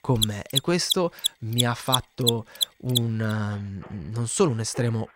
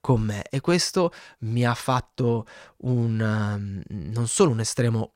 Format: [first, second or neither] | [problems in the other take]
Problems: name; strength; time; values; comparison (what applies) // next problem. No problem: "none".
second | machinery noise; very loud; throughout; as loud as the speech